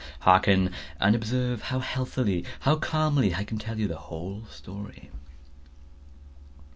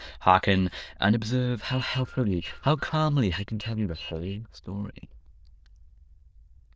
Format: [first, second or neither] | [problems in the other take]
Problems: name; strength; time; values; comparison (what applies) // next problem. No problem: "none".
first | noise reduction (neural diffusion model UNIVERSE++)